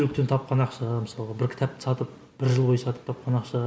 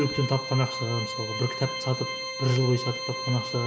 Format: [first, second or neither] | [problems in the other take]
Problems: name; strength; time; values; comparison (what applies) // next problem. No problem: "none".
first | background sound (Organ); 6 dB below the speech